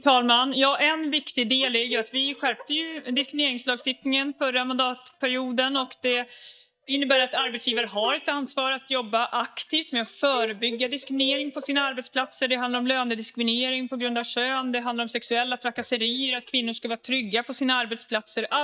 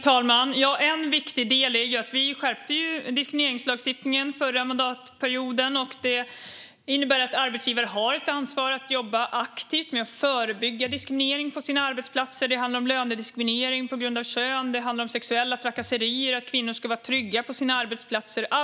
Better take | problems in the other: second | noise reduction (neural mask model DeepFilterNet 3)

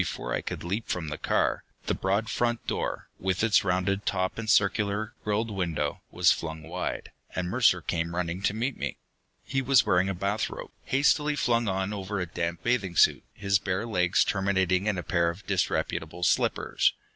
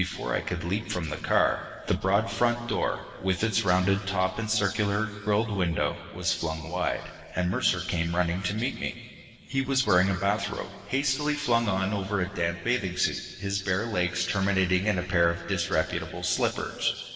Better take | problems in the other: first | room echo; dies away in 2.5 s

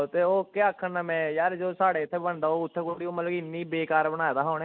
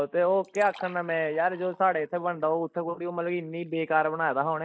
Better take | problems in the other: first | noise reduction (neural mask model DeepFilterNet 3)

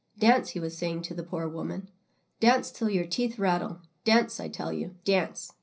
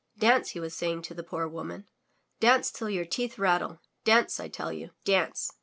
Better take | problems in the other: second | room echo; dies away in 0.5 s

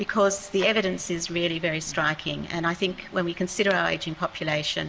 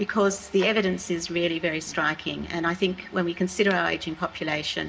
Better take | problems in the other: first | room echo; dies away in 0.3 s

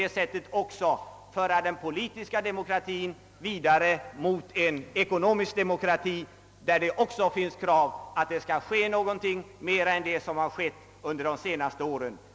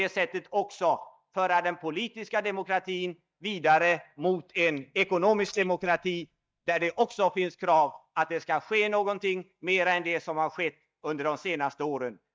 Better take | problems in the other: first | noise reduction (neural mask model DeepFilterNet 3)

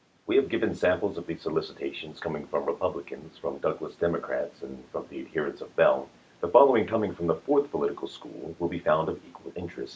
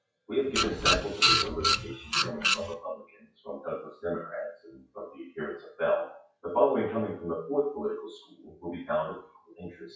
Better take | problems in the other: first | noise reduction (classical method WPE with log-MMSE)

